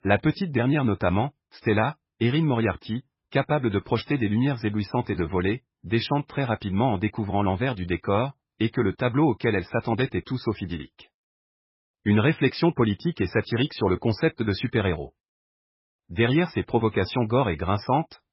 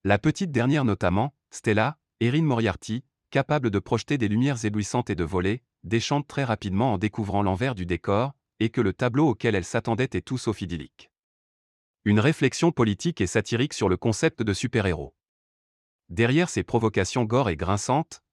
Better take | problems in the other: second | garbled, watery; badly; nothing above 5.5 kHz

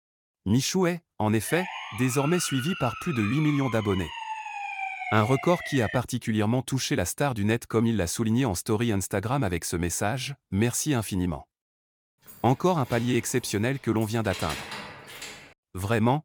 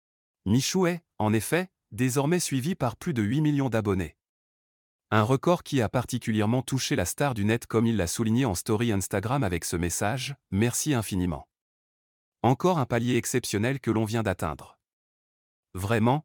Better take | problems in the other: second | siren; noticeable; from 1.5 to 6 s; peak 5 dB below the speech // jangling keys; noticeable; from 12 to 16 s; peak 8 dB below the speech

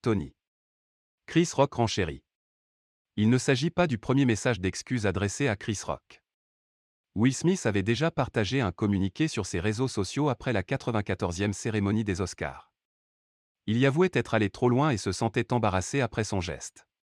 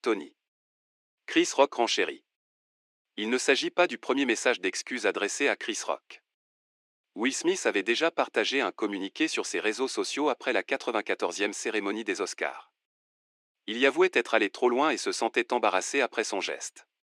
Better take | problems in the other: first | thin; somewhat; fading below 300 Hz

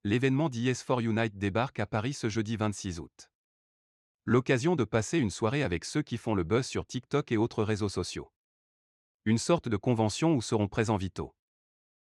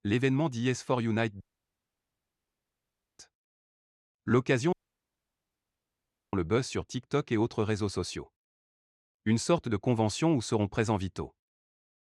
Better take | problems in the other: first | audio cutting out; at 1.5 s for 2 s and at 4.5 s for 1.5 s

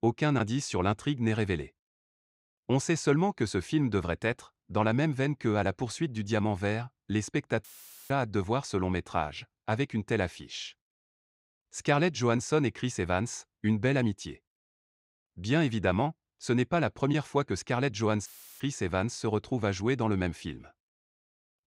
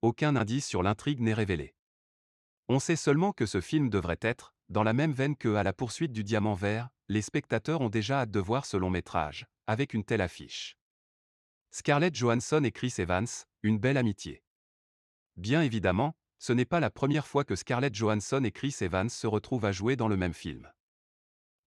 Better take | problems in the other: second | audio cutting out; filled with static; at 7.5 s and at 18 s

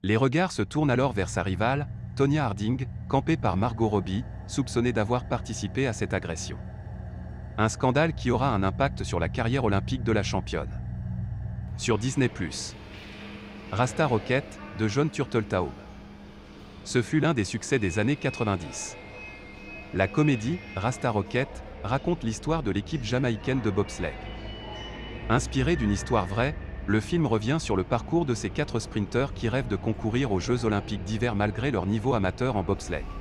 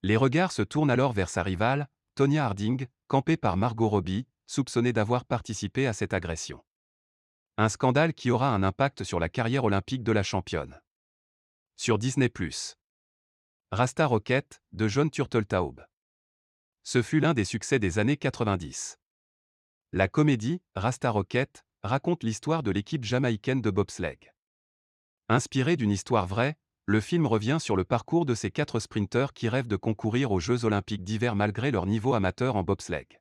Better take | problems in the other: second | traffic noise; noticeable; throughout; 10 dB below the speech

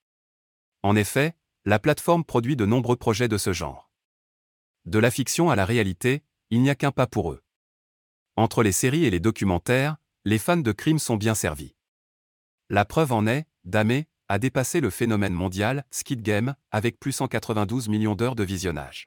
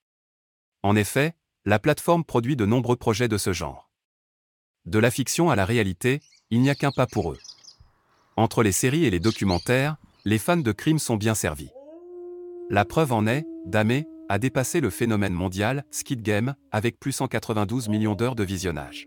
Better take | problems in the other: first | animal sounds; noticeable; from 6.5 s on; 20 dB below the speech

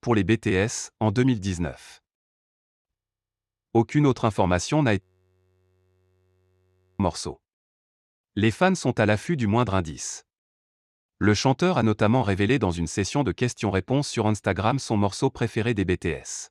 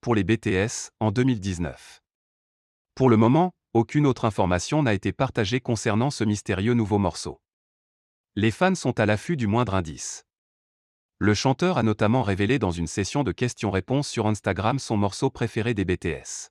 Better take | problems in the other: second | audio freezing; at 3 s for 0.5 s and at 5 s for 2 s

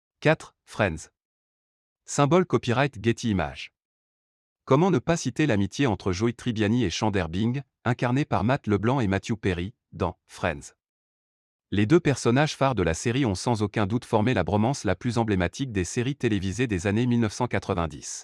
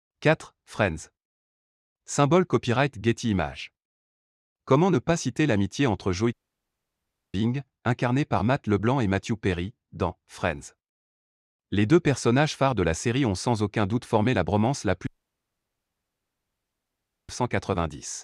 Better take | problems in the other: first | audio cutting out; at 6.5 s for 1 s and at 15 s for 2 s

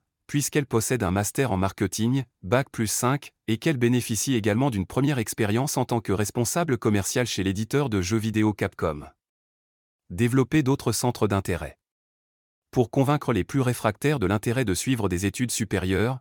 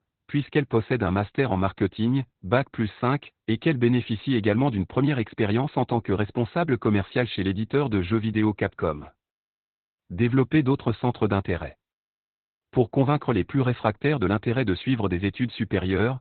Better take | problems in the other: first | garbled, watery; badly; nothing above 4 kHz

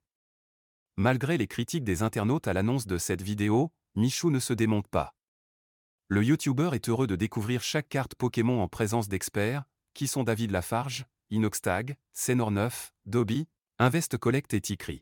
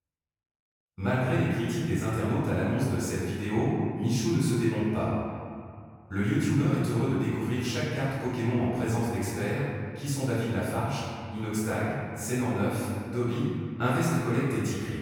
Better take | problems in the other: first | off-mic speech; far // room echo; strong; dies away in 2.1 s

